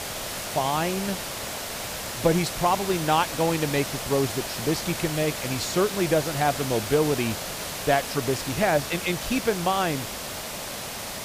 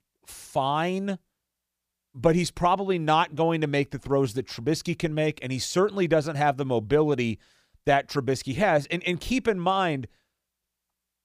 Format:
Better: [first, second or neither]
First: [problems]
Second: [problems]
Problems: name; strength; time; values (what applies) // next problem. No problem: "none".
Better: second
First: hiss; loud; throughout; 5 dB below the speech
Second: none